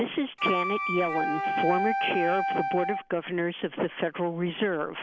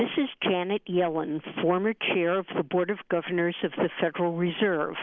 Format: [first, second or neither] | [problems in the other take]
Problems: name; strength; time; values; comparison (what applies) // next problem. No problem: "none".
second | background sound (Wind instrument, woodwind instrument); as loud as the speech